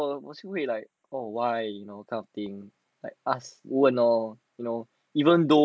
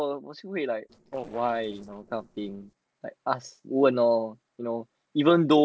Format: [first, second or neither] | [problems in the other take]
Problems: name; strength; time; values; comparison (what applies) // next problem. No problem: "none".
first | noise reduction (neural separator model SepFormer DNS4)